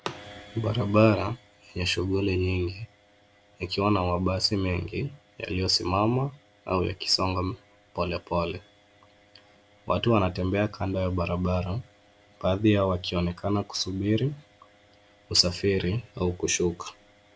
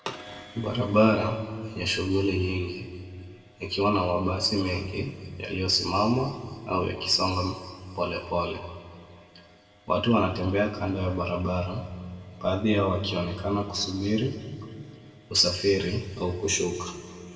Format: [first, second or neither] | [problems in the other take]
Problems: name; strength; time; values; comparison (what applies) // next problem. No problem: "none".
first | room echo; dies away in 1.8 s